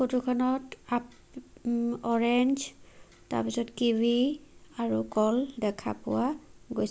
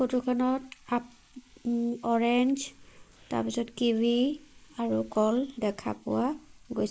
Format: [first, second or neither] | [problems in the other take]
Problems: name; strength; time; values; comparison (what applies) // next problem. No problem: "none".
first | noise reduction (neural mask model Resemble Enhance denoiser)